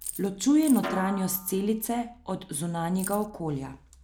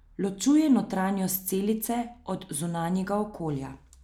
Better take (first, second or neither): second